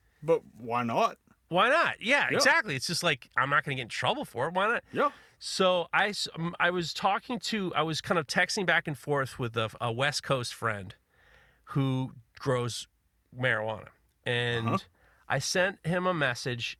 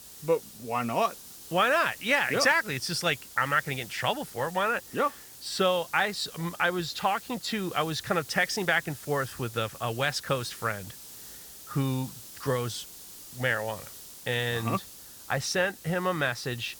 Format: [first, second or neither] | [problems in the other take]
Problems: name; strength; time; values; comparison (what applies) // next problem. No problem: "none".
first | hiss; noticeable; throughout; 15 dB below the speech